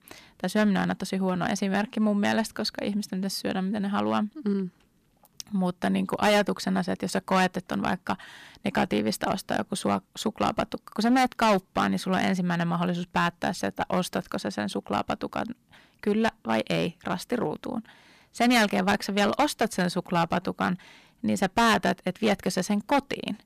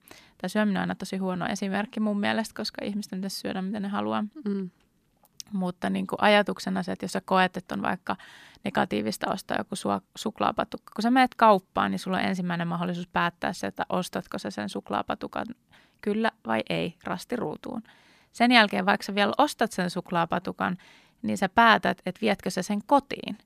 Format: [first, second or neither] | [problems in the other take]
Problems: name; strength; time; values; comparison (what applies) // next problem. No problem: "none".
second | distortion; heavy; 4% of the sound clipped